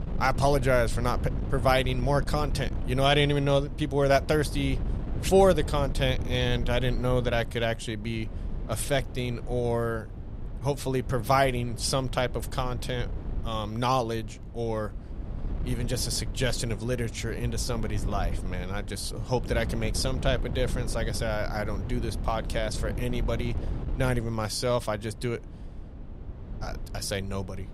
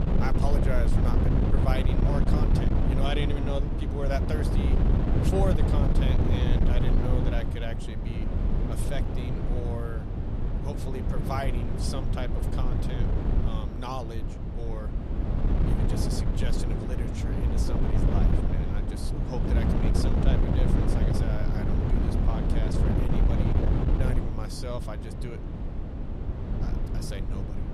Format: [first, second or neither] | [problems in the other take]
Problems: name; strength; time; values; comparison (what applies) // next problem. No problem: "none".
first | wind noise on the microphone; heavy; 1 dB above the speech; occasional gusts in the first